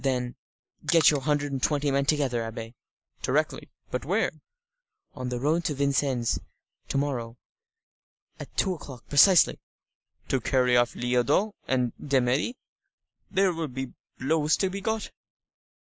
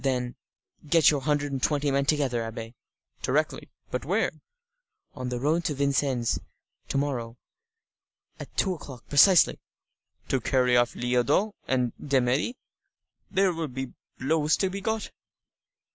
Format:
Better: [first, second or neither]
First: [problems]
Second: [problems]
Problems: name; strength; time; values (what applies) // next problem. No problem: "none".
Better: second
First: noise reduction (neural mask model Resemble Enhance denoiser)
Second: none